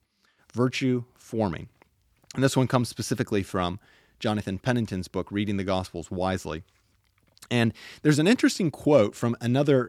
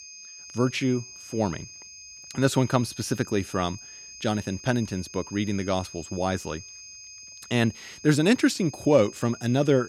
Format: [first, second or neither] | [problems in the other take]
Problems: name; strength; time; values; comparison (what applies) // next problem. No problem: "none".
first | high-pitched whine; noticeable; throughout; 6.5 kHz, 15 dB below the speech